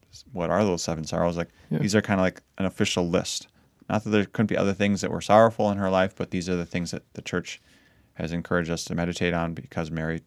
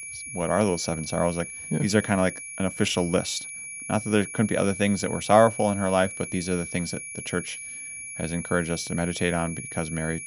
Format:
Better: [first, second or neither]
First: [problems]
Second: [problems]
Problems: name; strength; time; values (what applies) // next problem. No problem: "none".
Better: first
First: none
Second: high-pitched whine; loud; throughout; 2.5 kHz, 9 dB below the speech